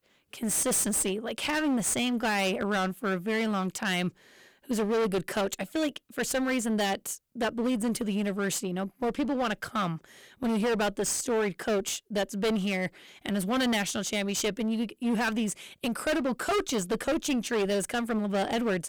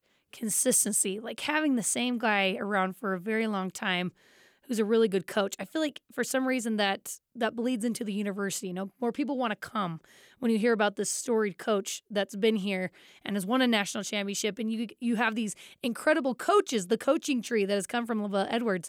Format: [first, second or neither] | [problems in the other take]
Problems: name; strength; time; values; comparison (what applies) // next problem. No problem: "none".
second | distortion; heavy; 20% of the sound clipped